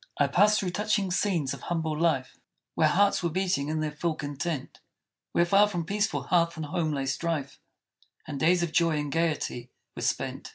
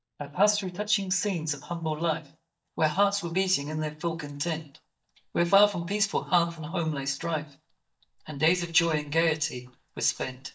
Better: first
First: none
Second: noise reduction (neural mask model DeepFilterNet 3)

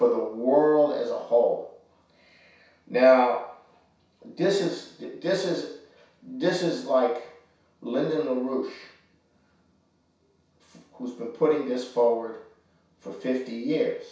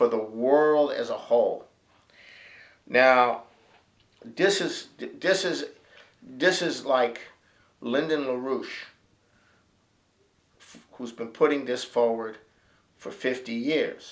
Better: second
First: room echo; dies away in 0.6 s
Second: none

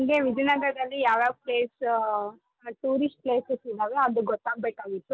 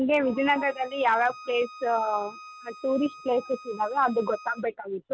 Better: first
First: none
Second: background sound (Bowed string instrument); 19 dB below the speech

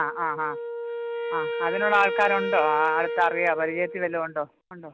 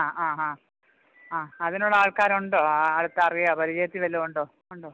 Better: second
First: background sound (Wind instrument, woodwind instrument); 5 dB below the speech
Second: none

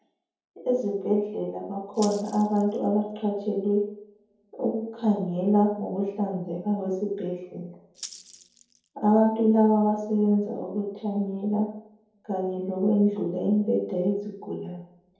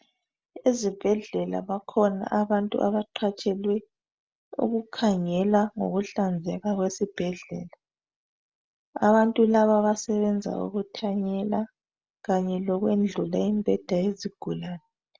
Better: second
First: background sound (Rattle (instrument)); 19 dB below the speech // room echo; dies away in 0.7 s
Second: none

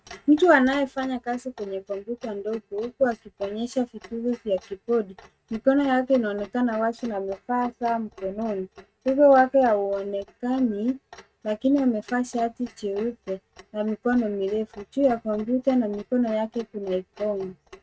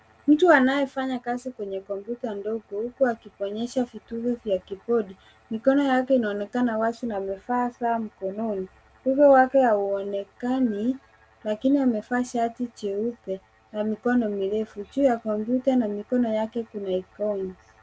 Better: second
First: noise reduction (neural mask model RNNoise)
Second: none

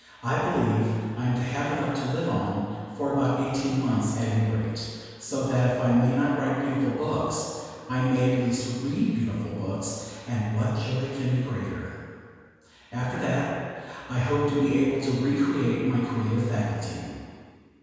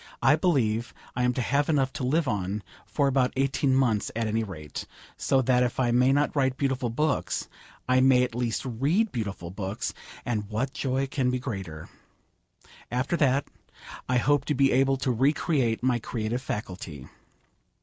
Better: second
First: room echo; dies away in 1.9 s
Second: none

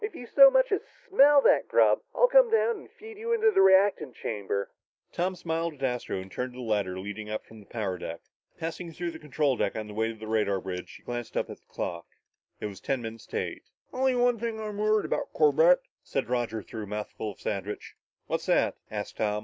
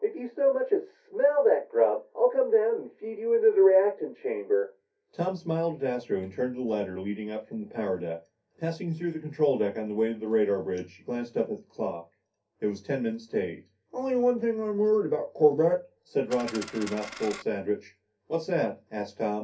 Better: first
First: none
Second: background sound (Coin (dropping)); 13 dB below the speech // room echo; dies away in 0.3 s

